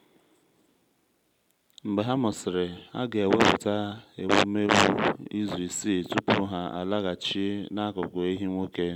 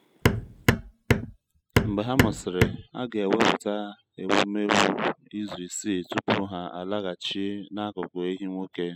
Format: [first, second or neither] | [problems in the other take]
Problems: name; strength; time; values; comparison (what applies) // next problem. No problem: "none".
first | noise reduction (classical method spectral subtraction)